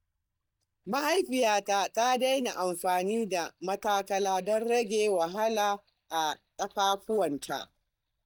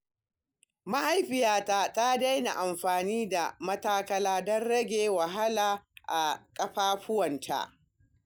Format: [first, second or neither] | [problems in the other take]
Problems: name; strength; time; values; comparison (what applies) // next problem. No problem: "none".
second | noise reduction (neural mask model DeepFilterNet 3)